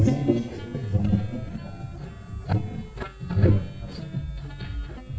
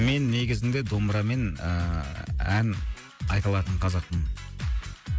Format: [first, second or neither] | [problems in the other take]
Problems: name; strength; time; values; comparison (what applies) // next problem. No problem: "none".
second | noise reduction (neural mask model DeepFilterNet 3)